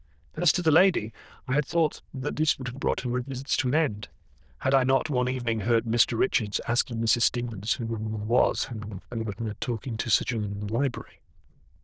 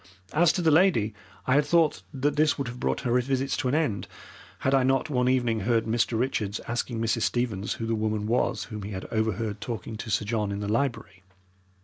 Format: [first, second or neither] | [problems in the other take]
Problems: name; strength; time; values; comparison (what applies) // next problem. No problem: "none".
second | noise reduction (neural diffusion model UNIVERSE++)